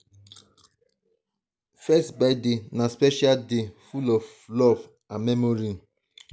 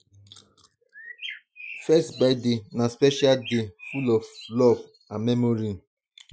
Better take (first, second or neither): first